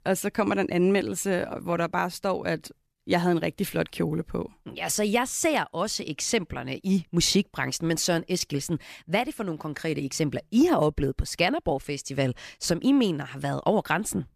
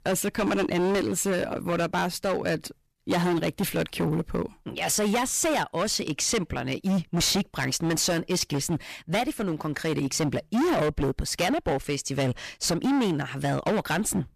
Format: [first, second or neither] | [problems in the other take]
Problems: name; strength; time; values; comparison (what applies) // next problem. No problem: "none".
first | distortion; heavy; 17% of the sound clipped